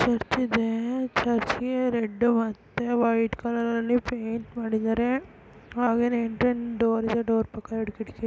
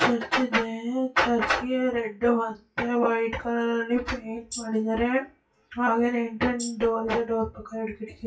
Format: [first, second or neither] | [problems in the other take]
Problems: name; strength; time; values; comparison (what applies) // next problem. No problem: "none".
first | noise reduction (classical method WPE with log-MMSE)